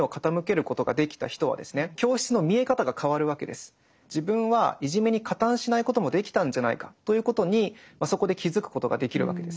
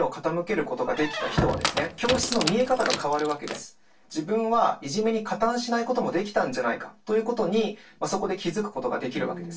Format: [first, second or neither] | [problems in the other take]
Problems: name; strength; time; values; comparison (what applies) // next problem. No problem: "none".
first | background sound (Squeak); 4 dB below the speech // room echo; dies away in 0.2 s